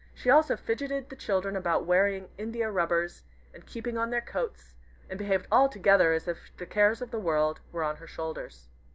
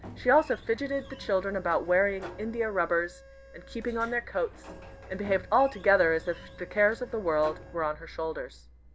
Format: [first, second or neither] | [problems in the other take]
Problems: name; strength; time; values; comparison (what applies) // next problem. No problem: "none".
first | background sound (Organ + Sliding door); 19 dB below the speech